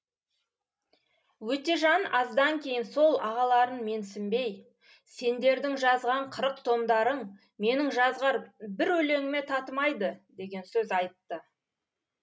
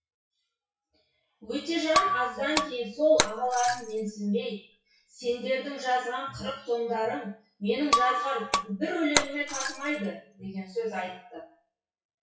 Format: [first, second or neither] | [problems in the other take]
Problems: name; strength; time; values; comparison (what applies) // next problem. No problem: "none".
first | noise reduction (classical method WPE with log-MMSE)